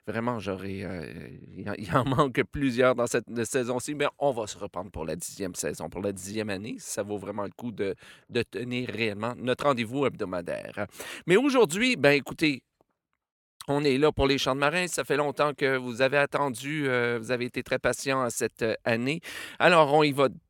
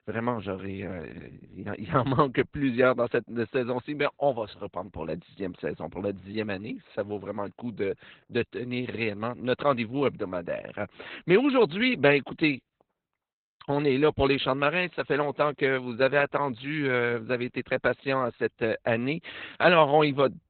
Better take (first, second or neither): first